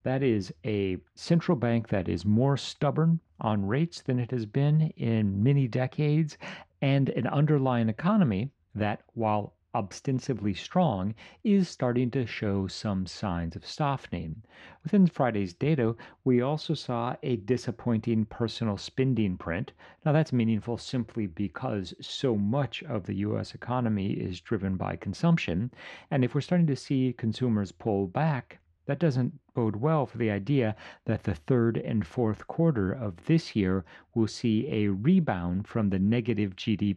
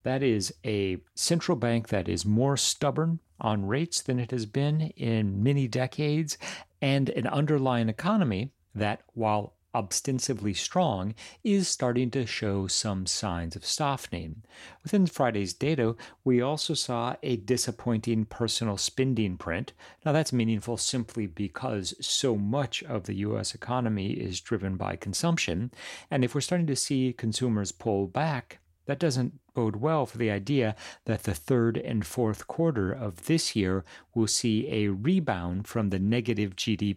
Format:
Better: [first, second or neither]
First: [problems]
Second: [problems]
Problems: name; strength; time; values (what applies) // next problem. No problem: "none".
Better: second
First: muffled; slightly; fading above 3 kHz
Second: none